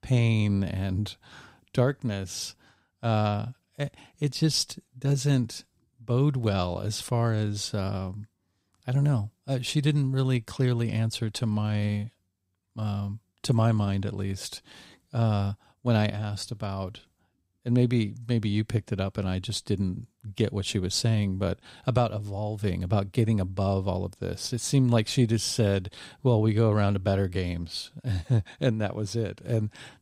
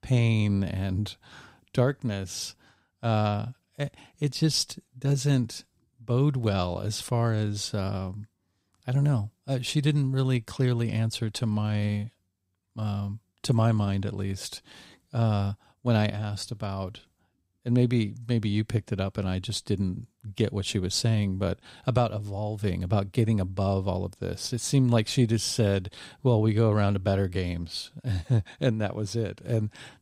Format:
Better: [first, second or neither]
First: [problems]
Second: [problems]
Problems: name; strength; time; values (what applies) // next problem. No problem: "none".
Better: neither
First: none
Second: none